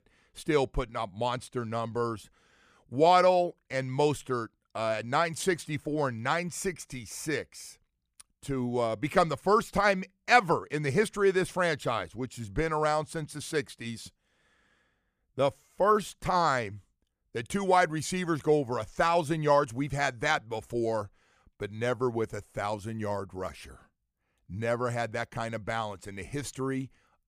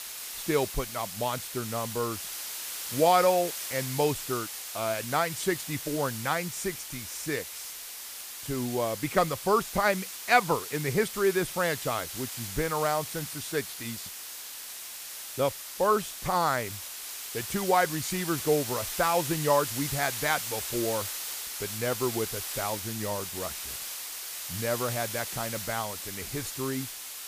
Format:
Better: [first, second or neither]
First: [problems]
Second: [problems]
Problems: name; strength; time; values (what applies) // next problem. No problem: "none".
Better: first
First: none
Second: hiss; loud; throughout; 5 dB below the speech